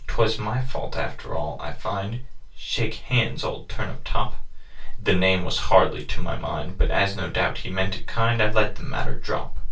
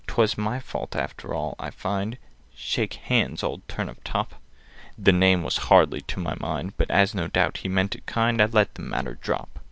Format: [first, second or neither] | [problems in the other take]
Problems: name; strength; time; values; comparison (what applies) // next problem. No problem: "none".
second | room echo; dies away in 0.2 s